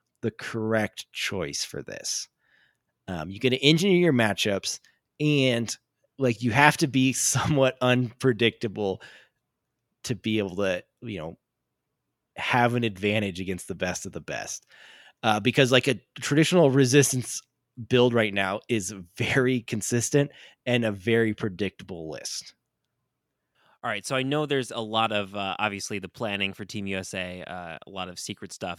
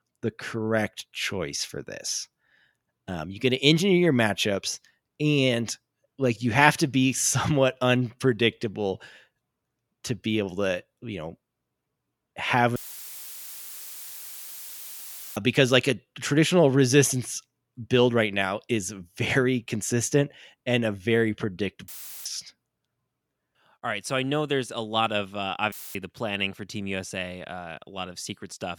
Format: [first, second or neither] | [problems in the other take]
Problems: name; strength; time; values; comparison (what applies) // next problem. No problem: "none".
first | audio cutting out; filled with static; at 13 s for 2.5 s, at 22 s and at 26 s